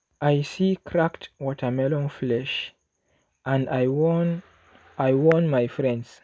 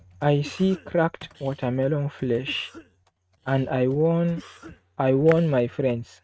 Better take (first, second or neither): first